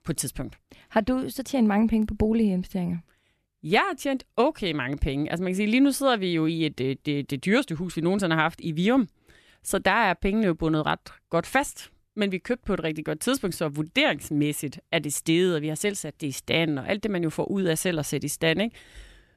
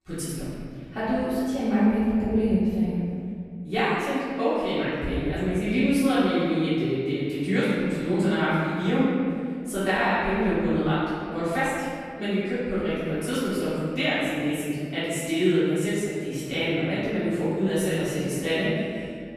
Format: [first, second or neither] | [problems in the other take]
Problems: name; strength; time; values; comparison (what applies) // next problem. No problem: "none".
first | off-mic speech; far // room echo; strong; dies away in 2.2 s